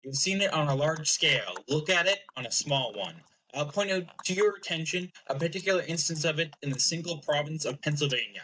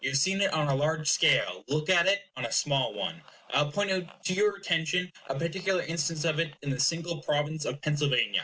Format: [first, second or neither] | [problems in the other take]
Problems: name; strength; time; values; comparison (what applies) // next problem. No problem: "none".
second | noise reduction (neural mask model DeepFilterNet 3)